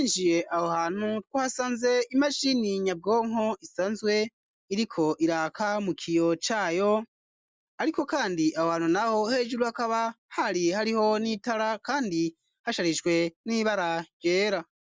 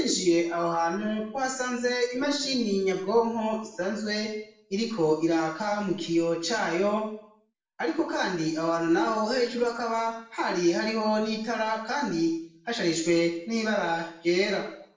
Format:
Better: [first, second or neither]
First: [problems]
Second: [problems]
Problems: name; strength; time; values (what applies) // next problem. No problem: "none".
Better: first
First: none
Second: room echo; dies away in 0.6 s